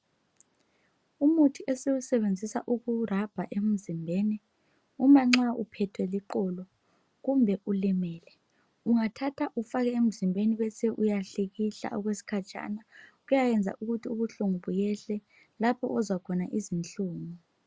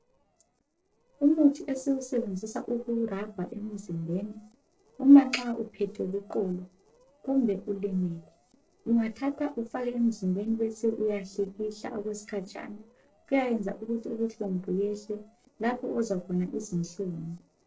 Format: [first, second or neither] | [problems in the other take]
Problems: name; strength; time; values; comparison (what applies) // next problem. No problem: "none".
first | noise reduction (neural separator model SepFormer DNS4)